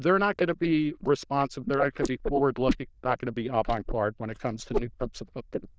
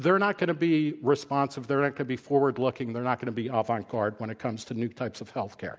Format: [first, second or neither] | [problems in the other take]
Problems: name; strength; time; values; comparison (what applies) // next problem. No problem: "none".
second | noise reduction (neural diffusion model UNIVERSE++)